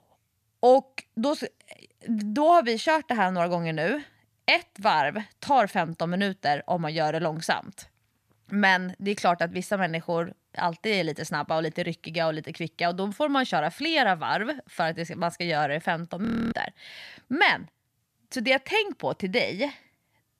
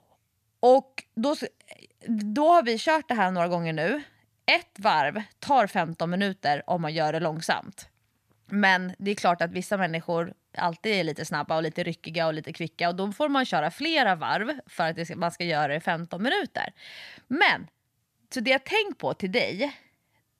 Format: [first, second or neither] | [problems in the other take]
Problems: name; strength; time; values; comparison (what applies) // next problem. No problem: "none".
second | audio freezing; at 16 s